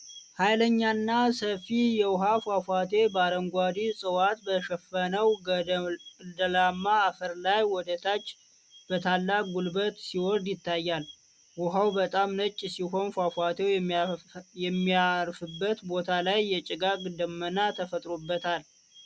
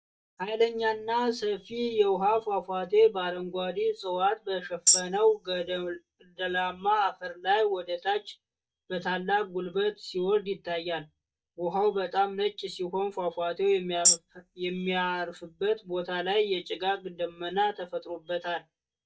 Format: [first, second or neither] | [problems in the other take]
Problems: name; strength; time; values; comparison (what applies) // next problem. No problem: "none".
first | noise reduction (neural mask model DeepFilterNet 3)